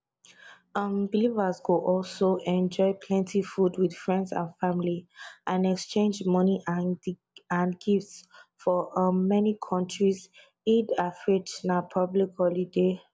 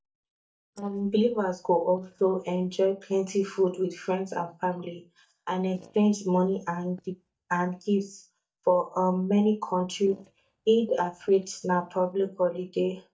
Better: first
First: none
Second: noise reduction (neural mask model DeepFilterNet 3)

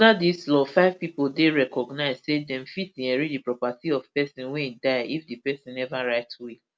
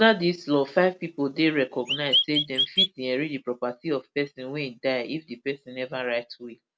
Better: first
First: none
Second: background sound (Chirp, tweet); 2 dB above the speech

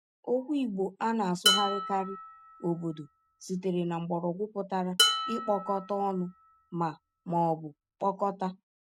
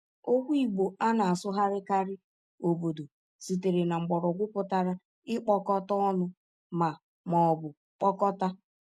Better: second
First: background sound (Dishes, pots, and pans); 2 dB below the speech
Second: none

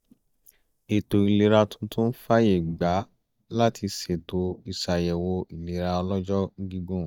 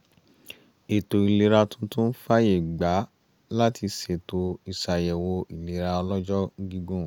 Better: second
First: noise reduction (neural mask model DeepFilterNet 3)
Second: none

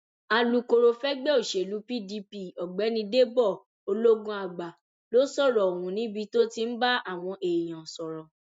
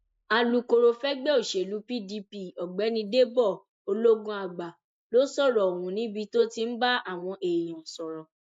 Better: first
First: none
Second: noise reduction (neural mask model Resemble Enhance denoiser)

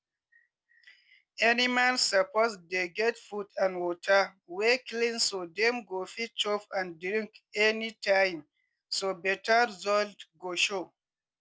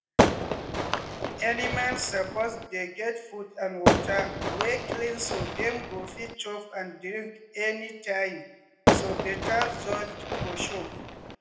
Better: first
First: none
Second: background sound (Fireworks); 4 dB above the speech // room echo; dies away in 0.7 s

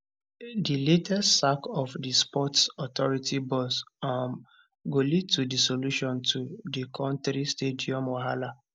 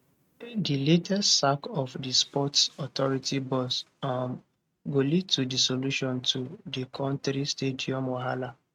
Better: first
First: none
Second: noise reduction (neural mask model RNNoise)

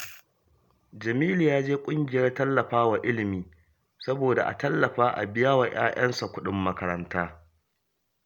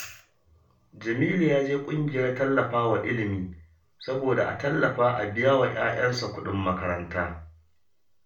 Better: first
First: none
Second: room echo; dies away in 0.3 s

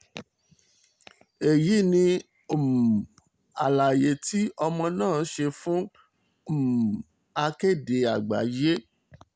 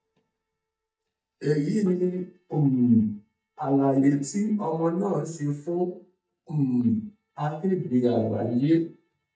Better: first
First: none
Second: noise reduction (neural mask model DeepFilterNet 3)

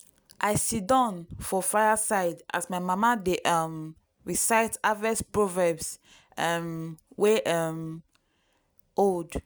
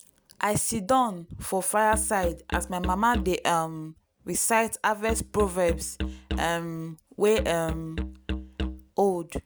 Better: first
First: none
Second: background sound (Musical instrument); 7 dB below the speech

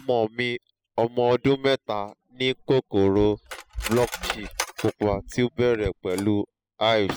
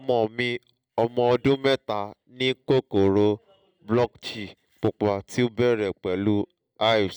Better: second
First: noise reduction (classical method spectral subtraction)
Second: none

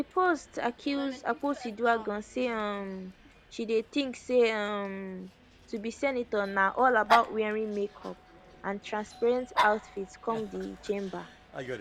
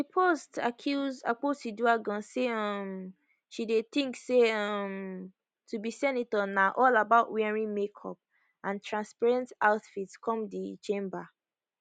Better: second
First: background sound (Dog); 10 dB below the speech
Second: none

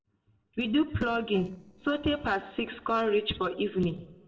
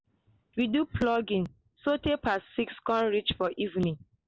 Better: second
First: noise reduction (neural separator model SepFormer DNS4)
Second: none

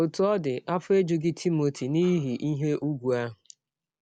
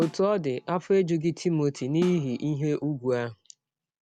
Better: first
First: none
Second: background sound (Snare drum); 18 dB below the speech

